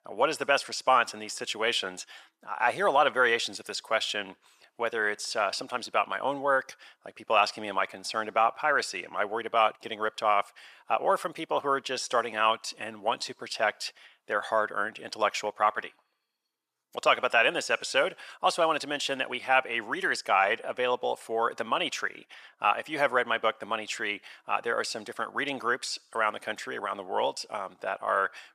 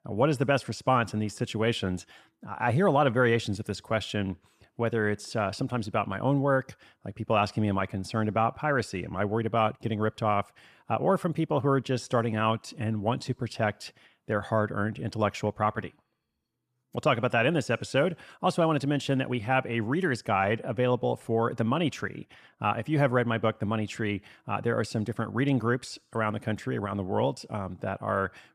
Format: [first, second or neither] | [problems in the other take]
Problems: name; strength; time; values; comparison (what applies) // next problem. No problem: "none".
second | thin; very; fading below 650 Hz